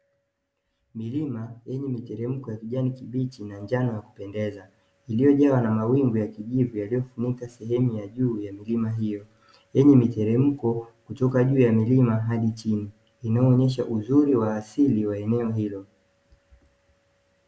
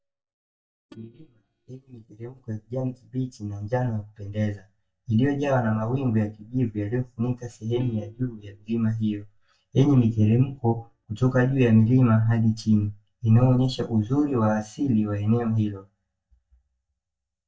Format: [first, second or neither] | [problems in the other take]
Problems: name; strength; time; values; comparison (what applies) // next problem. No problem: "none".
first | noise reduction (neural mask model DeepFilterNet 3)